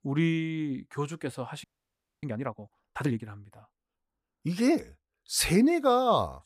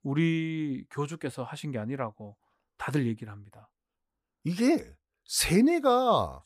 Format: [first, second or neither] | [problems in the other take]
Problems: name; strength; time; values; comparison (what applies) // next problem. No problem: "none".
second | audio freezing; at 1.5 s for 0.5 s